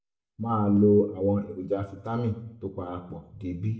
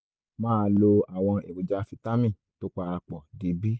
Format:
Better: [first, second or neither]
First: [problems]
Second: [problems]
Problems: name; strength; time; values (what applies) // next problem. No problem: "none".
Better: second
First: room echo; dies away in 0.5 s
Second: none